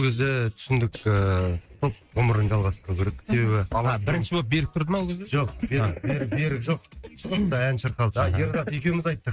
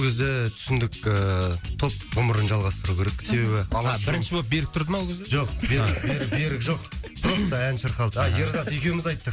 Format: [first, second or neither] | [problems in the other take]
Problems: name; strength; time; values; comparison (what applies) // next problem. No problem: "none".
second | noise reduction (neural mask model RNNoise)